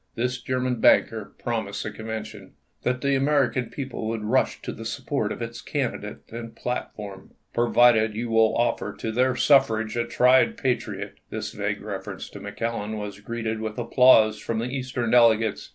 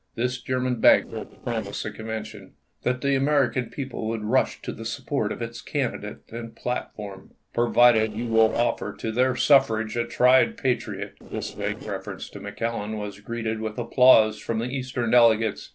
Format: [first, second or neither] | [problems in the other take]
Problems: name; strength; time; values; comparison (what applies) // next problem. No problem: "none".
first | noise reduction (neural separator model SepFormer DNS4)